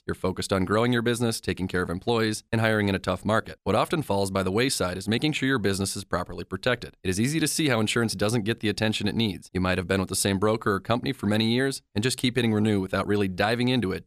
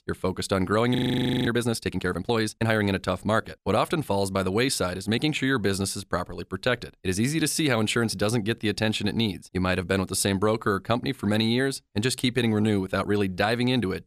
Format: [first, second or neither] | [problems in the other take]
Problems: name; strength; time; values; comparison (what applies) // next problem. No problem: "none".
first | audio freezing; at 1 s for 0.5 s